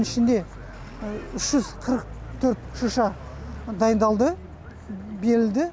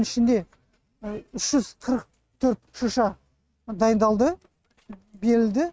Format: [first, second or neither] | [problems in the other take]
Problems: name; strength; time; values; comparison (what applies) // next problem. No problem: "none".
first | noise reduction (neural mask model RNNoise)